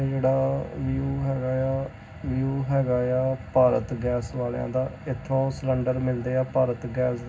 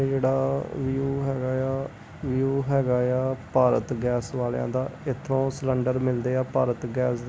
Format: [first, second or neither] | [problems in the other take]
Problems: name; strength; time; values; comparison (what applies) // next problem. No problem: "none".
second | room echo; dies away in 0.4 s